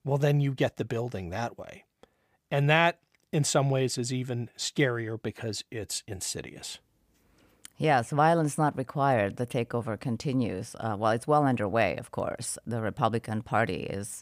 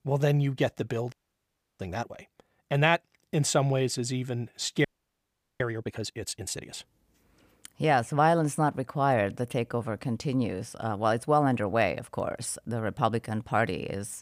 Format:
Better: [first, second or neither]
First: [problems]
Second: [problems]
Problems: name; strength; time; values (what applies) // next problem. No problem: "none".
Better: first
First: none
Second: audio freezing; at 1 s for 0.5 s and at 5 s for 1 s